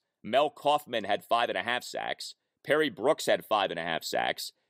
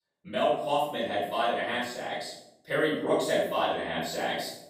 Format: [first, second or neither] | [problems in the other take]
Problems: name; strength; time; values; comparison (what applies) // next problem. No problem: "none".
first | off-mic speech; far // room echo; strong; dies away in 0.7 s